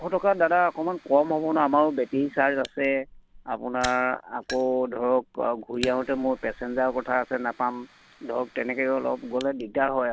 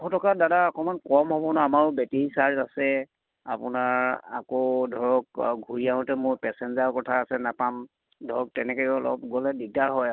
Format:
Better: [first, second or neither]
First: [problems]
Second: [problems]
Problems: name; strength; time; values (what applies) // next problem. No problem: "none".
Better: second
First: background sound (Fire); 20 dB below the speech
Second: none